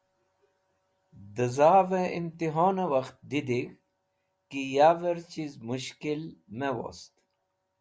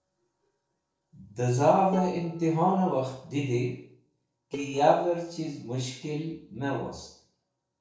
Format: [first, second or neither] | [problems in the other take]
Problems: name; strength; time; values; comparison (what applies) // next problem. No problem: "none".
first | noise reduction (neural separator model SepFormer DNS4)